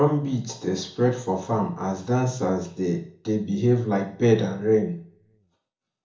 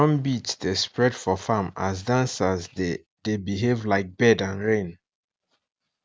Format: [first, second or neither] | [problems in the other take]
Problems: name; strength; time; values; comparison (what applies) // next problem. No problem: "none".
second | room echo; dies away in 0.5 s